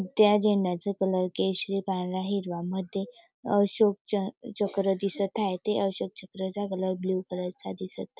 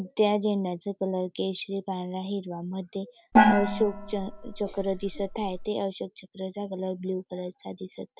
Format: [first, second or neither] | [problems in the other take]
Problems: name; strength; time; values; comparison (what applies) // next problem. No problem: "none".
first | background sound (Gong); 4 dB above the speech